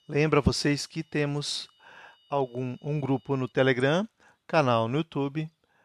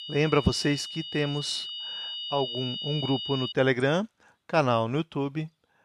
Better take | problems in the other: first | high-pitched whine; loud; until 3.5 s; 3 kHz, 6 dB below the speech; faint in the first

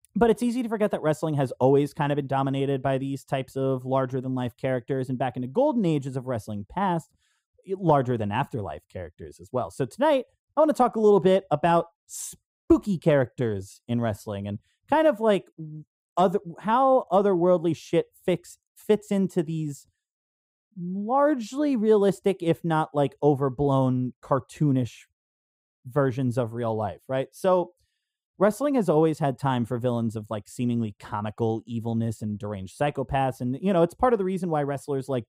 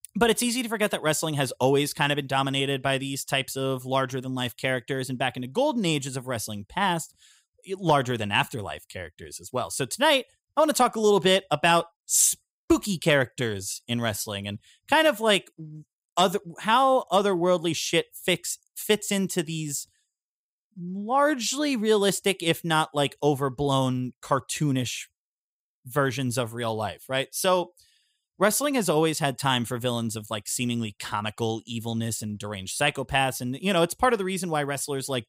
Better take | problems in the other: second | muffled; very; fading above 1.5 kHz

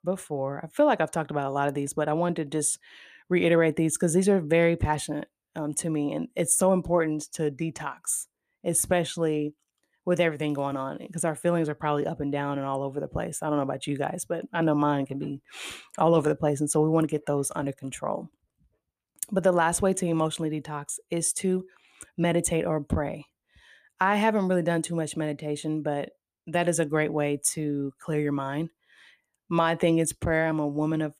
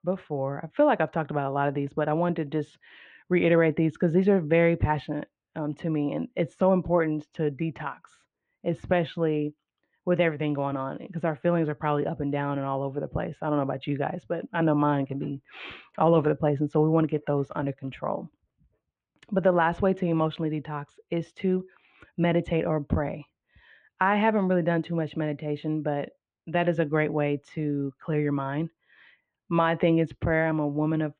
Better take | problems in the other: first | muffled; very; fading above 3 kHz

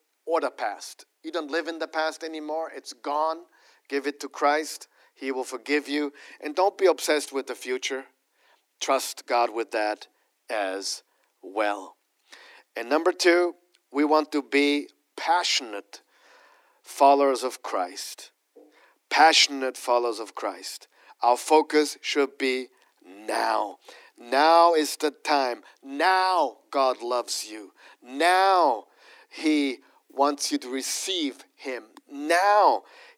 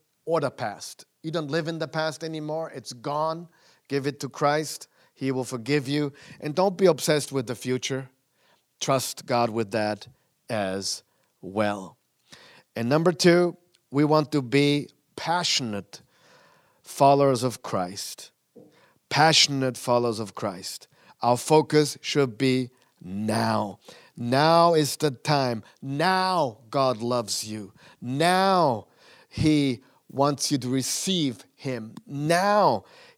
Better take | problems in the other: second | thin; somewhat; fading below 300 Hz

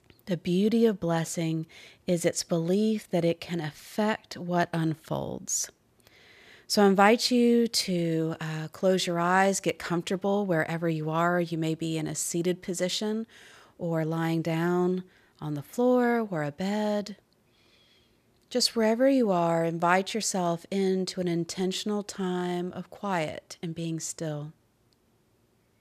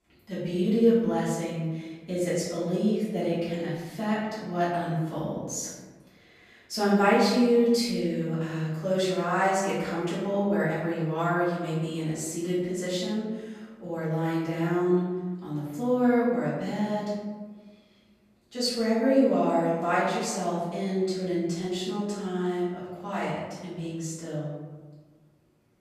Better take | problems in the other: first | room echo; noticeable; dies away in 1.3 s // off-mic speech; far

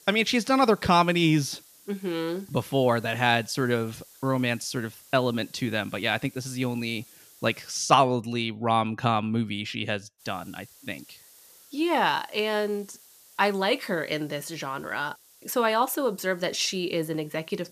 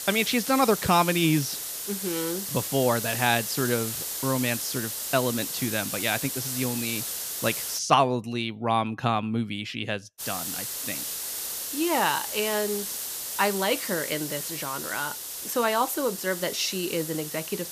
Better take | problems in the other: first | hiss; loud; until 8 s and from 10 s on; 4 dB below the speech; faint in the first

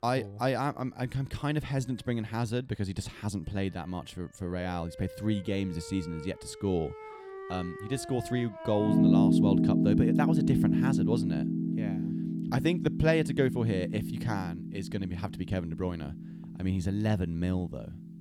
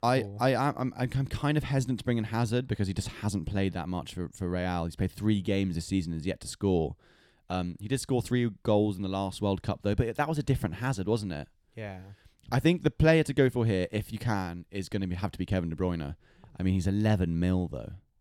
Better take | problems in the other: second | background music; very loud; throughout; 3 dB above the speech

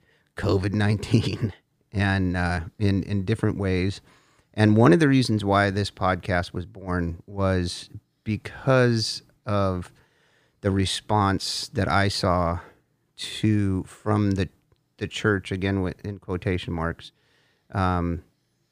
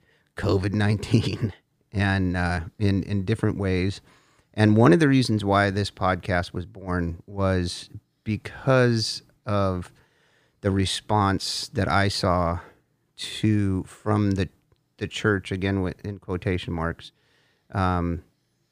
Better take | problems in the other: neither | none

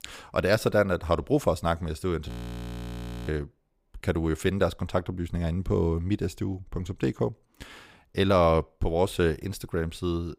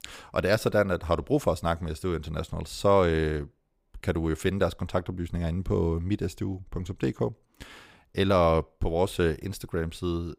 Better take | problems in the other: second | audio freezing; at 2.5 s for 1 s

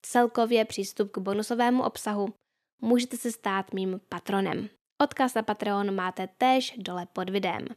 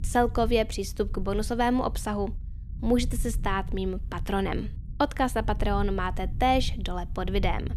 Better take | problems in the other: first | low rumble; faint; throughout; 25 dB below the speech

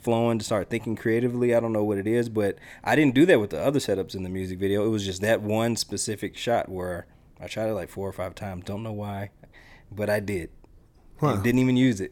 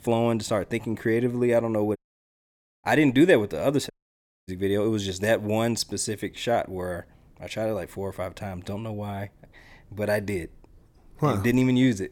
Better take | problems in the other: first | audio cutting out; at 2 s for 1 s and at 4 s for 0.5 s

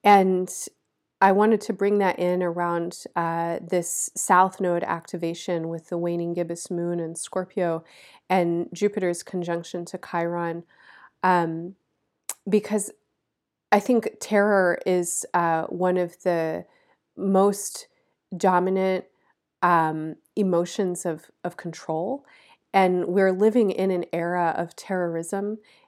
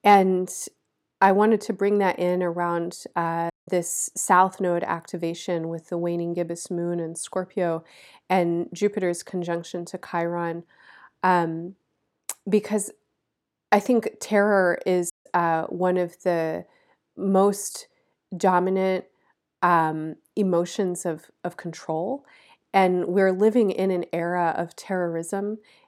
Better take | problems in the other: first | audio cutting out; at 3.5 s and at 15 s

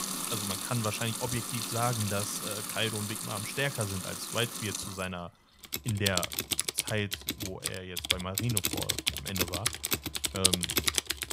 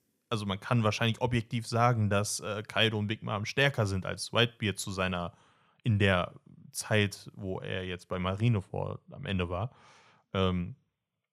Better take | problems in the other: second | household noises; very loud; throughout; 3 dB above the speech

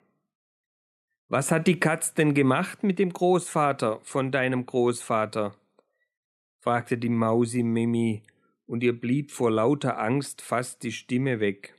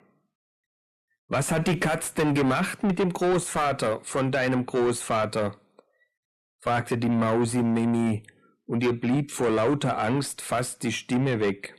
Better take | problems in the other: first | distortion; heavy; 7 dB below the speech

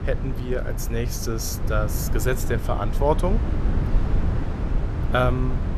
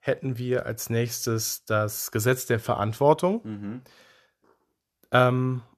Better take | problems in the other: second | low rumble; loud; throughout; 9 dB below the speech

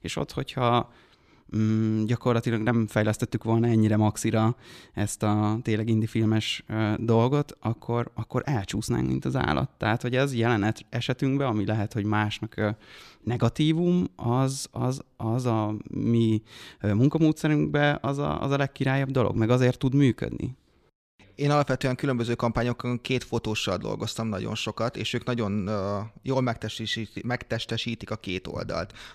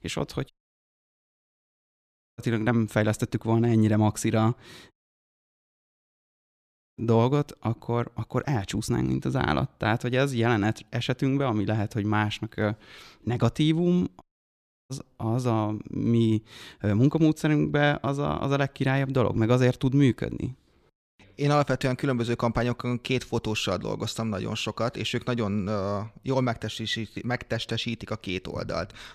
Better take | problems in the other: first | audio cutting out; at 0.5 s for 2 s, at 5 s for 2 s and at 14 s for 0.5 s

